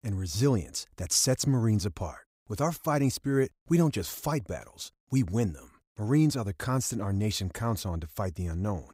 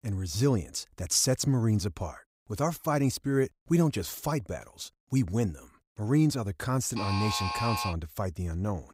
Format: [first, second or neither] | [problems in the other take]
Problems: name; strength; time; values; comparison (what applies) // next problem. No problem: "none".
first | alarm; noticeable; at 7 s; peak 2 dB below the speech